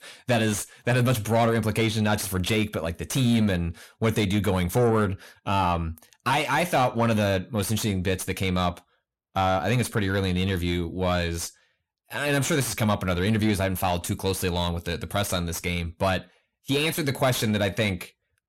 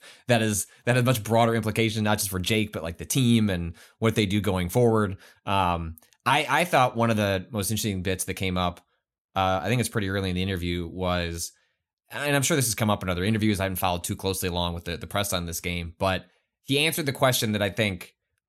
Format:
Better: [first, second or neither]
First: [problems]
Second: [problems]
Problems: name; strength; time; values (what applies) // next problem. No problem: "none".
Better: second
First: distortion; slight; 10 dB below the speech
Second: none